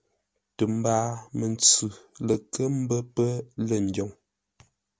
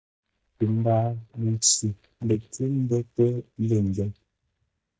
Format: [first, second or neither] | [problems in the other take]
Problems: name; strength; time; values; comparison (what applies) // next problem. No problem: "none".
first | noise reduction (neural mask model DeepFilterNet 3)